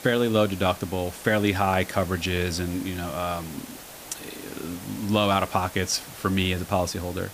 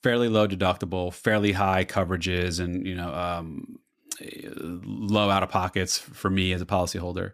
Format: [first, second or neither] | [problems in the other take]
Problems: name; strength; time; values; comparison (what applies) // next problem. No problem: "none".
second | hiss; noticeable; throughout; 15 dB below the speech